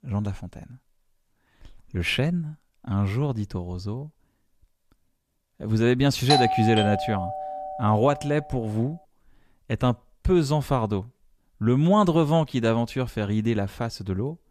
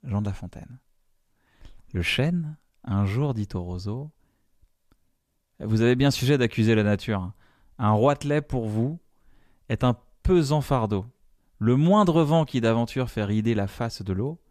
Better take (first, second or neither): second